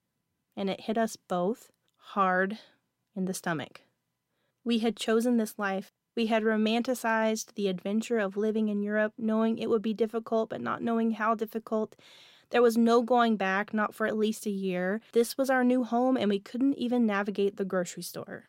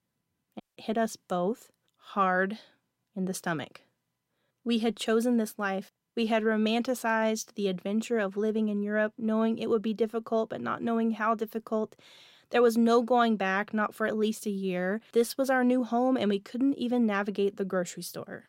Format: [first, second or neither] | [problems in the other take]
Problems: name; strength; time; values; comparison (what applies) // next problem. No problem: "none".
first | audio cutting out; at 0.5 s